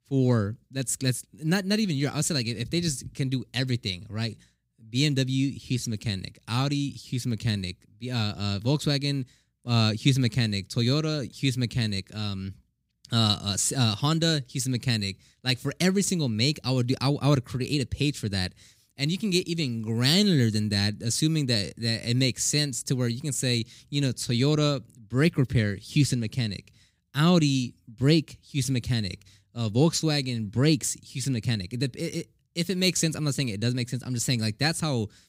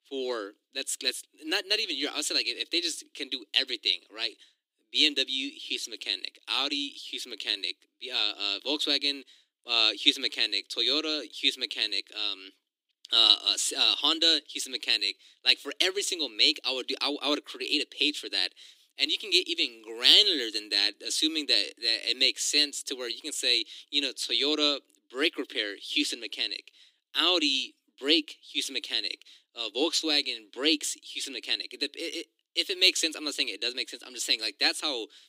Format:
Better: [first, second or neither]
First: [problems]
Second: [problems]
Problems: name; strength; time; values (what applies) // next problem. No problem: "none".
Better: first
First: none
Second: thin; somewhat; fading below 300 Hz